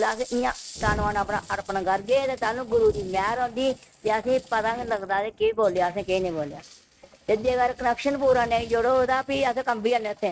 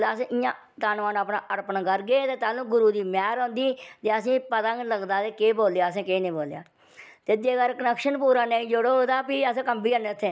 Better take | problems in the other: second | noise reduction (neural mask model RNNoise)

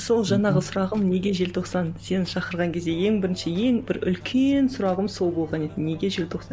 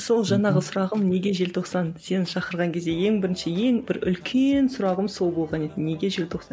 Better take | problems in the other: second | background sound (Microwave oven); 18 dB below the speech

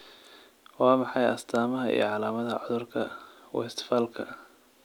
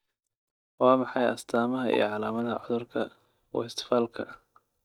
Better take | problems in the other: first | noise reduction (neural mask model DeepFilterNet 3)

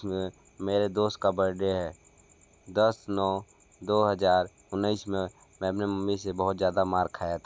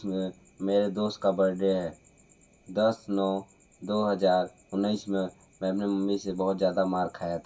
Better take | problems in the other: first | room echo; dies away in 0.2 s

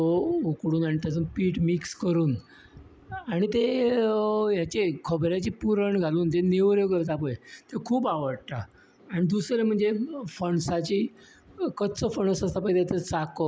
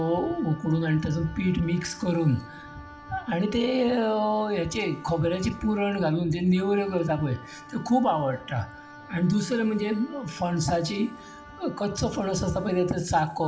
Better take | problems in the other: first | background sound (Wind instrument, woodwind instrument); 19 dB below the speech // room echo; dies away in 0.8 s

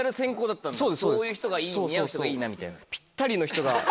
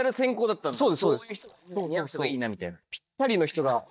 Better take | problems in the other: first | noise reduction (neural mask model DeepFilterNet 3)

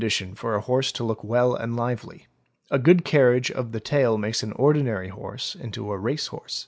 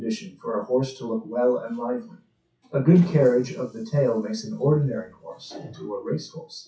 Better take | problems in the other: first | noise reduction (classical method WPE with log-MMSE)

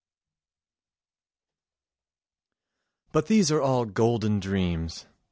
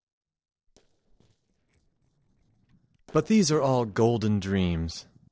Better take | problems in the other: first | noise reduction (neural separator model SepFormer DNS4)

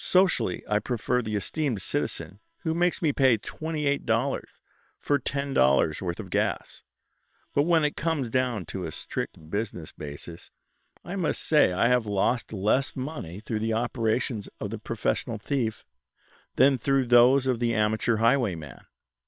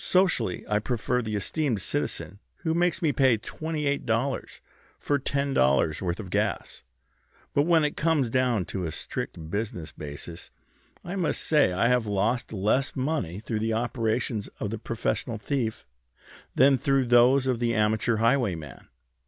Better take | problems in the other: second | noise reduction (neural separator model SepFormer WHAM!)

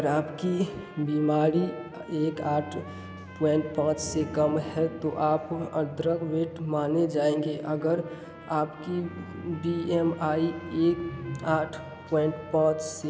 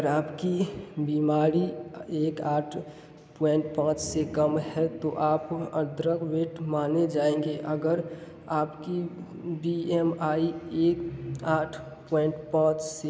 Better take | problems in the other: second | background sound (Bowed string instrument + Trumpet); 18 dB below the speech

